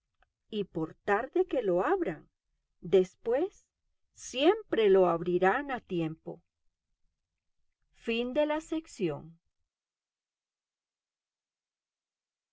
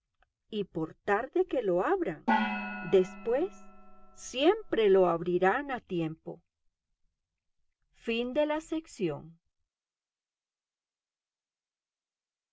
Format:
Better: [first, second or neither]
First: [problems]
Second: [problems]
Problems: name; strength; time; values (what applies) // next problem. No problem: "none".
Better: first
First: none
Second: background sound (Gong); 4 dB below the speech